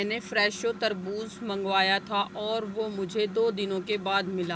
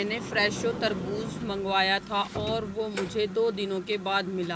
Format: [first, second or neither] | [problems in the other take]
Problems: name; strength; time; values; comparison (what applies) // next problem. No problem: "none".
first | background sound (Sliding door); 10 dB below the speech